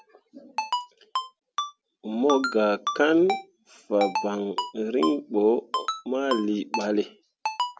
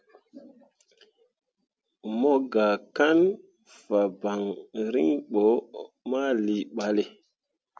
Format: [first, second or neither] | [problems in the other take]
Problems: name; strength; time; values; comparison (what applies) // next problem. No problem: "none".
second | background sound (Ringtone); 6 dB below the speech